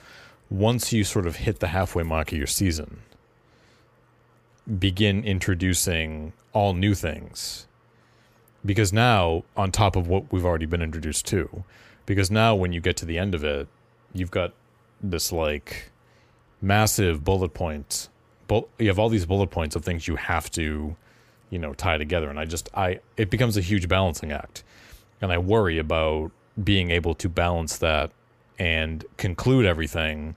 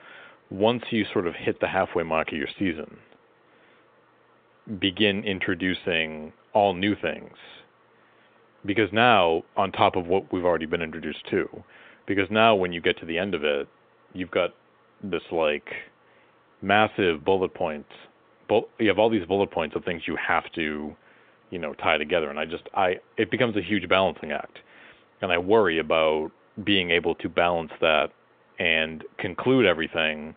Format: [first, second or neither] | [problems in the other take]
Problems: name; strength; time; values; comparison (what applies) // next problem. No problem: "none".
first | phone-call audio; nothing above 3.5 kHz